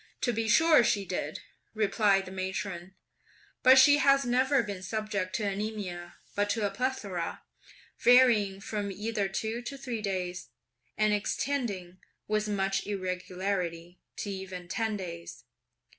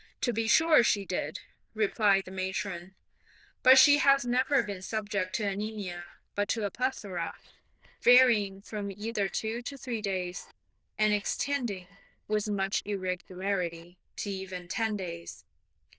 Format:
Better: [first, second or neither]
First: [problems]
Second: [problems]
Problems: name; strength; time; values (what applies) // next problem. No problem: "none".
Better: first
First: none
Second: noise reduction (neural diffusion model UNIVERSE++)